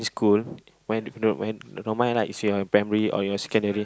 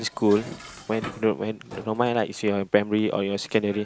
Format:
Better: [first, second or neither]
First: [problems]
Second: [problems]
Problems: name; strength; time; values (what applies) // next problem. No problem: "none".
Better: first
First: none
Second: background sound (Dishes, pots, and pans); 19 dB below the speech